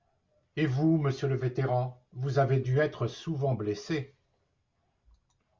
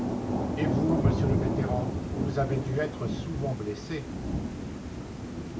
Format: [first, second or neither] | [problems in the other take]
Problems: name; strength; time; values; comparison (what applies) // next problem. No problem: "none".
first | background sound (Thunder / Rain); 3 dB above the speech